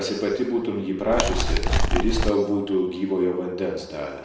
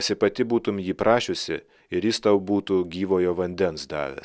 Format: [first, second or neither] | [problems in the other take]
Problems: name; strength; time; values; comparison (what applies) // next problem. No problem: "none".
second | background sound (Animal); 4 dB above the speech // room echo; dies away in 1 s